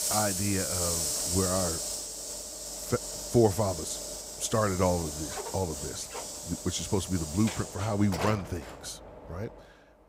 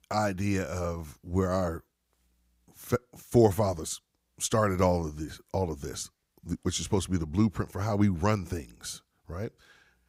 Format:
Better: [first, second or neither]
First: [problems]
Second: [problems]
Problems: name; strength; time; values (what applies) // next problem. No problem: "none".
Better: second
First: hiss; loud; throughout; 2 dB below the speech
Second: none